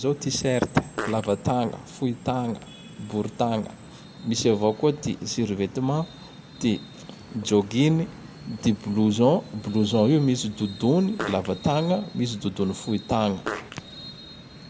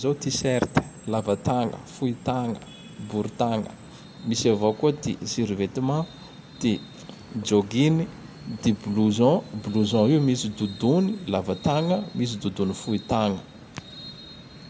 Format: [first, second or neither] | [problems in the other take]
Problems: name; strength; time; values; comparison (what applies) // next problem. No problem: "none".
second | background sound (Fart); 11 dB below the speech